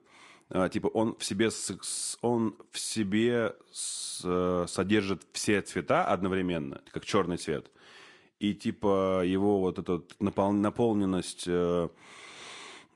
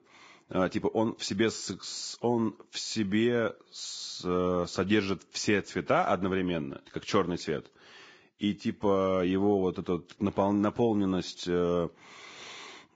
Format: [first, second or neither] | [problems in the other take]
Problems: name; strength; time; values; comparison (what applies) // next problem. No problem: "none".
first | garbled, watery; badly; nothing above 7.5 kHz; slightly in the first